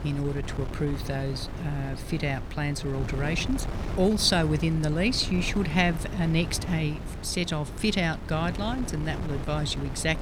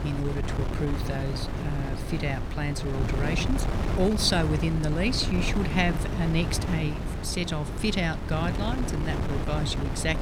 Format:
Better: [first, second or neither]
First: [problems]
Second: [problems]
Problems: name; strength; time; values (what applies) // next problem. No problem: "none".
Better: first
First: wind noise on the microphone; occasional gusts; 10 dB below the speech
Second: wind noise on the microphone; heavy; 5 dB below the speech